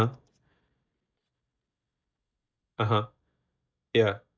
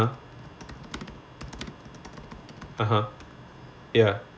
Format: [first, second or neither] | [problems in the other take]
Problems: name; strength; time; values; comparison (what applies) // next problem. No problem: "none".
second | noise reduction (neural mask model DeepFilterNet 3)